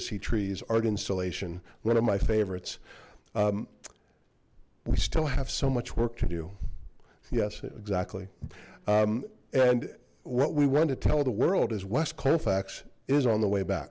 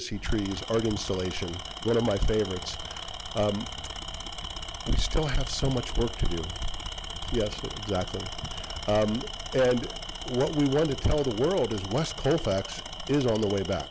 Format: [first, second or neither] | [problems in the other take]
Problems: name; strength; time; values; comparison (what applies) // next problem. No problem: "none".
first | background sound (Tools); 9 dB below the speech